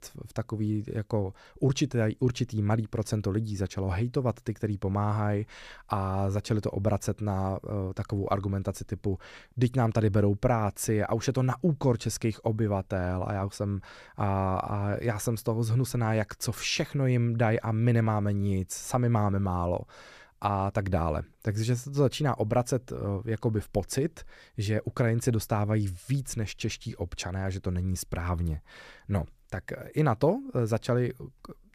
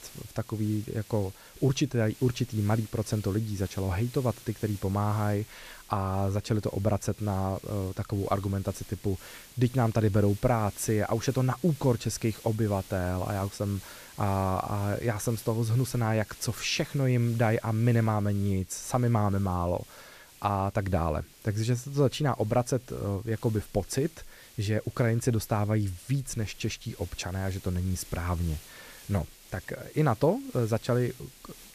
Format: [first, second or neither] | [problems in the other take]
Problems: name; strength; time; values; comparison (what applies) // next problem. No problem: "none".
first | hiss; noticeable; throughout; 20 dB below the speech